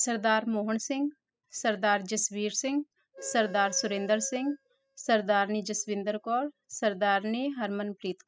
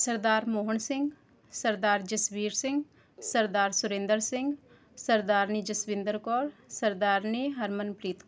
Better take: second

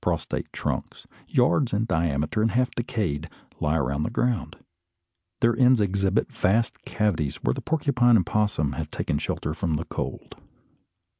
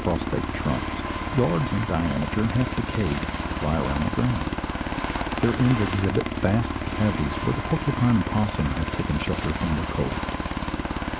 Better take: first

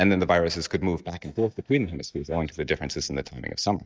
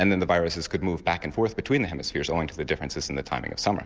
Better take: second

